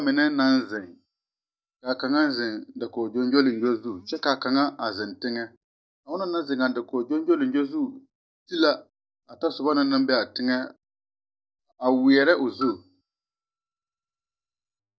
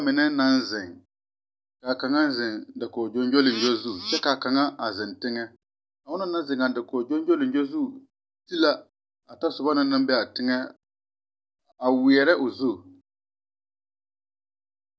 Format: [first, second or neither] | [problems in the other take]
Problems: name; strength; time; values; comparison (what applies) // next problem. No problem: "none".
second | noise reduction (neural mask model DeepFilterNet 3)